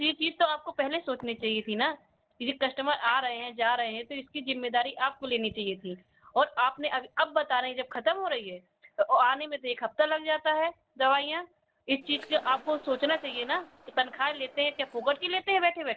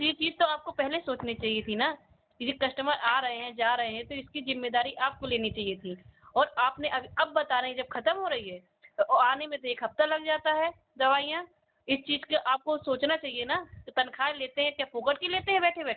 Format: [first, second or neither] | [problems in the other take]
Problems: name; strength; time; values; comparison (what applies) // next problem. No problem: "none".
second | noise reduction (neural separator model SepFormer DNS4)